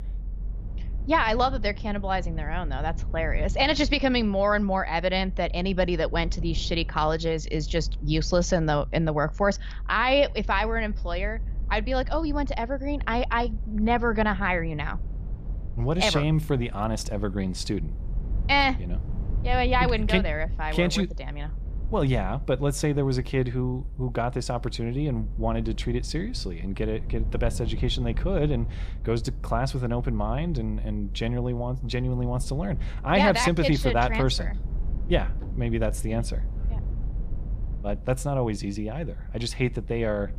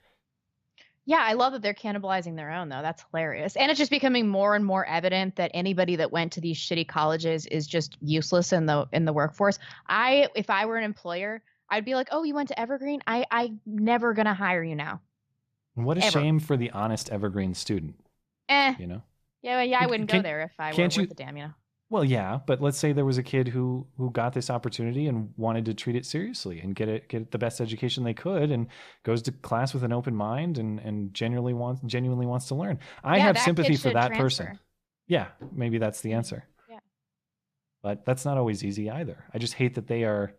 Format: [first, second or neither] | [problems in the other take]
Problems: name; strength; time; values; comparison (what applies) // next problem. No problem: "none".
second | low rumble; faint; throughout; 25 dB below the speech